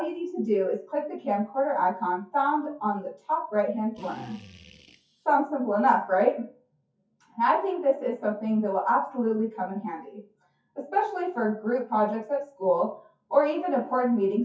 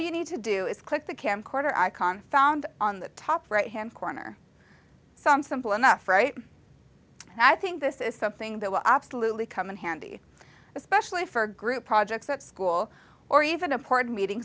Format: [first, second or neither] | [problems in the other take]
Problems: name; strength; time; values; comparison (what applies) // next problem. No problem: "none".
second | noise reduction (classical method WPE with log-MMSE)